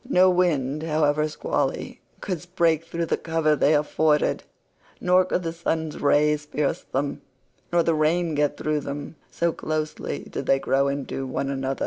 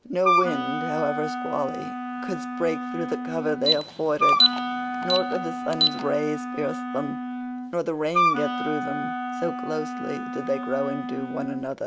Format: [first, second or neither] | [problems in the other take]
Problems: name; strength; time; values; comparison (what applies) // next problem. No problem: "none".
first | background sound (Wind instrument, woodwind instrument + Alarm); 2 dB above the speech